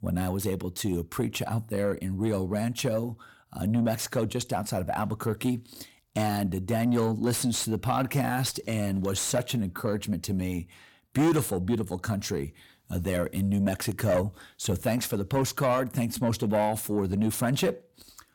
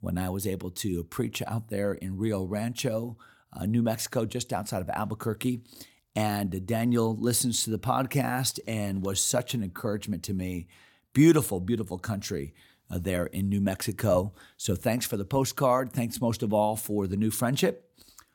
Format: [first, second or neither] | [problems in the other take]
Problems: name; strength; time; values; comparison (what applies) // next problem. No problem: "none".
second | distortion; slight; 10 dB below the speech